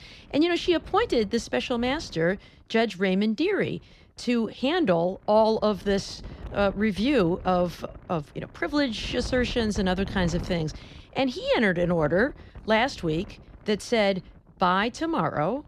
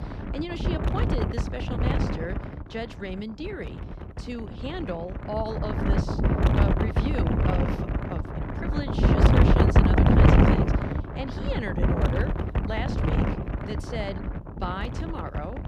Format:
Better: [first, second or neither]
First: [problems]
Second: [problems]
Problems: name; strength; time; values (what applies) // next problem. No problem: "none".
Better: first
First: wind noise on the microphone; occasional gusts; 25 dB below the speech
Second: wind noise on the microphone; heavy; 5 dB above the speech